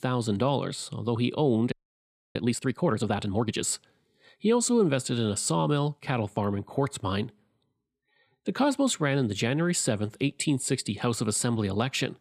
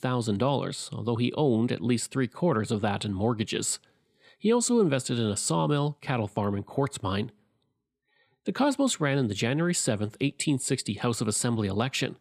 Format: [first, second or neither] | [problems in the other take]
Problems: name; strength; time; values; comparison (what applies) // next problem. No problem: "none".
second | audio freezing; at 1.5 s for 0.5 s